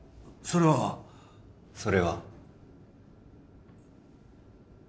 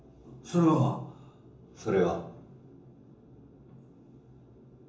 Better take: first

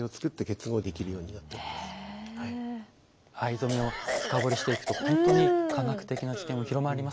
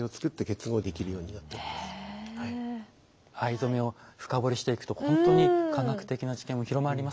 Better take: second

